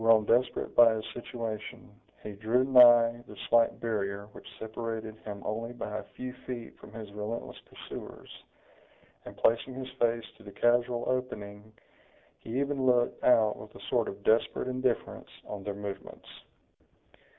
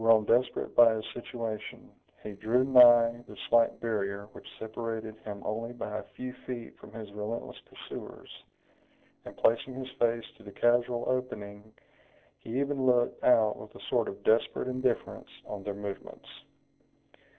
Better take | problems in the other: first | noise reduction (neural separator model SepFormer DNS4)

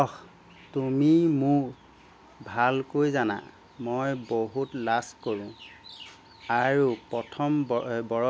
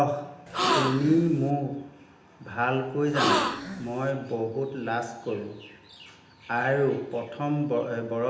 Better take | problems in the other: first | background sound (Gasp); as loud as the speech // room echo; dies away in 0.8 s

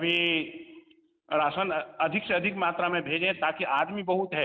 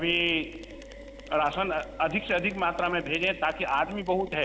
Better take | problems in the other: first | background sound (Mechanisms); 16 dB below the speech

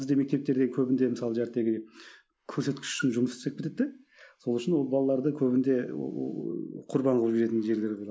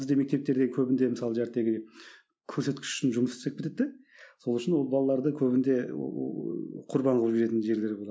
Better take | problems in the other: second | noise reduction (neural mask model Resemble Enhance denoiser)

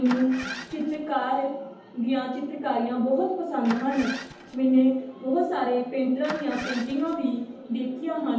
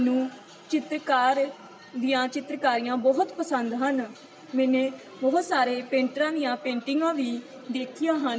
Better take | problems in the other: second | background sound (Engine starting); 13 dB below the speech // room echo; dies away in 2.2 s

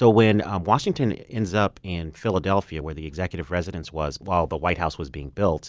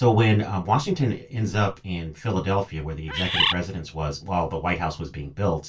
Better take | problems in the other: first | background sound (Bird); 1 dB above the speech // room echo; dies away in 0.2 s

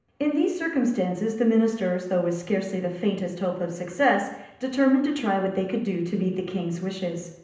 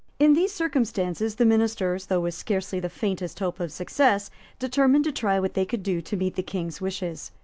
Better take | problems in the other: second | room echo; dies away in 0.8 s

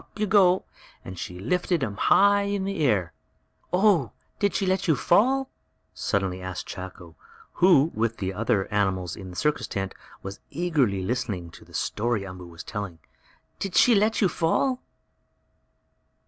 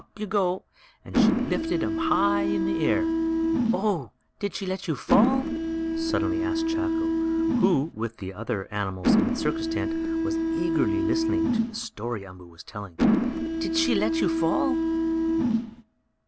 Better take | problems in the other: first | background sound (Mechanisms); 4 dB above the speech

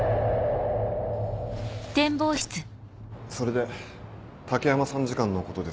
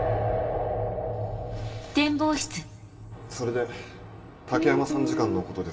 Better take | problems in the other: first | background sound (Guitar); as loud as the speech // room echo; dies away in 1.4 s

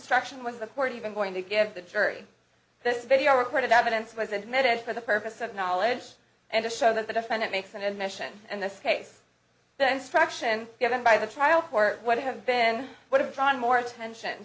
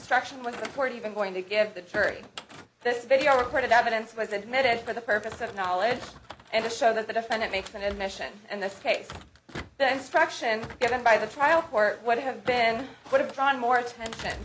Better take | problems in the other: first | background sound (Thump, thud); 17 dB below the speech

